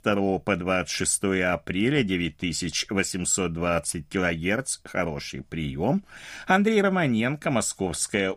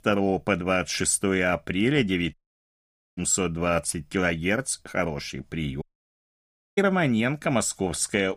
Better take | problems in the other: first | audio cutting out; at 2.5 s for 1 s and at 6 s for 1 s

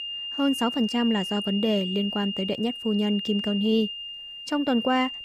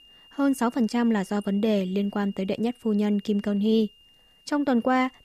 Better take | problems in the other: second | high-pitched whine; loud; throughout; 3 kHz, 6 dB below the speech; faint in the second

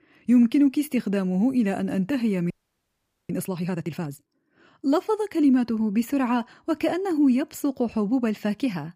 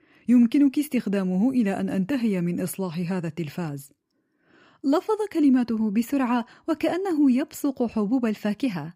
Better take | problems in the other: second | audio freezing; at 2.5 s for 1 s

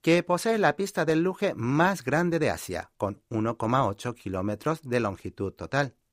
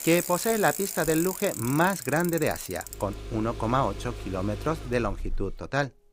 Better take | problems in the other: first | traffic noise; loud; throughout; 8 dB below the speech

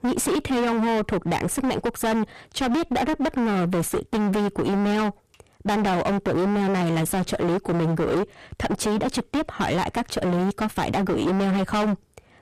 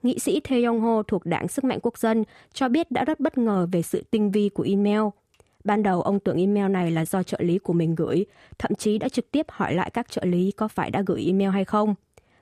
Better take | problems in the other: second | distortion; heavy; 34% of the sound clipped

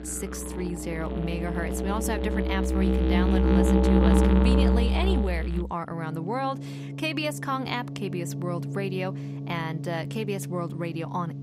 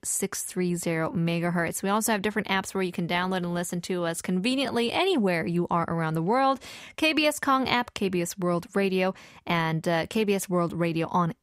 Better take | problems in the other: second | background music; very loud; throughout; 5 dB above the speech

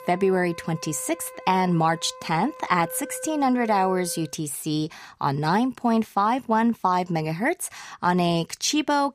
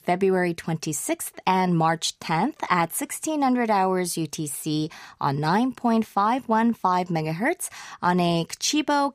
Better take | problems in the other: second | background music; noticeable; until 4 s; 15 dB below the speech

